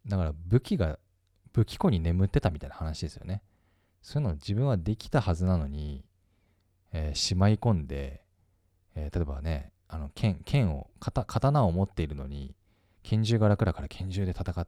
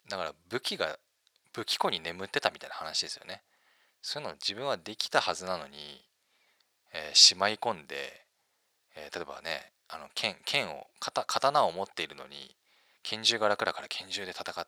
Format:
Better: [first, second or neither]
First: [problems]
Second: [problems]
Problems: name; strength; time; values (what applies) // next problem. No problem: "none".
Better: first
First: none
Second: thin; very; fading below 750 Hz